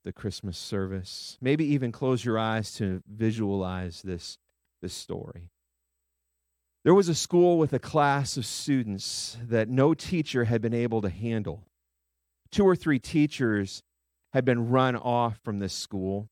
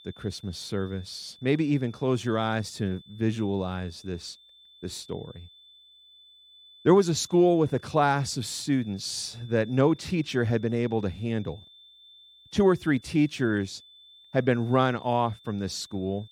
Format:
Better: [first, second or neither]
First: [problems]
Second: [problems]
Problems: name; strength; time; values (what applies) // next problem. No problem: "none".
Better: first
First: none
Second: high-pitched whine; faint; throughout; 3.5 kHz, 25 dB below the speech